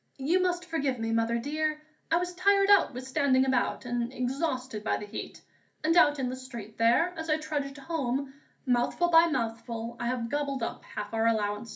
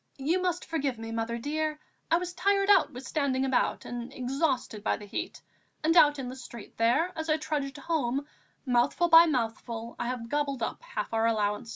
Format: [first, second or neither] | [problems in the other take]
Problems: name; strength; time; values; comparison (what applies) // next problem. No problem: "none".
second | room echo; dies away in 0.3 s